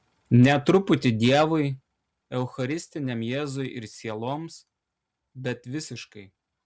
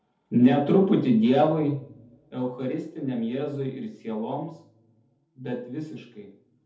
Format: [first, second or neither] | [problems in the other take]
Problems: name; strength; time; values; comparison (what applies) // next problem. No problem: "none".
first | room echo; dies away in 0.6 s